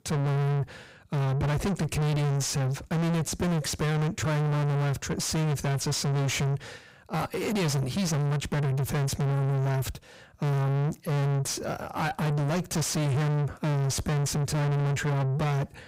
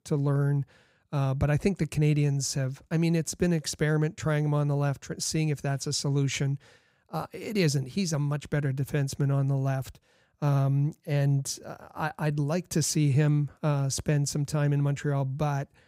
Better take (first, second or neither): second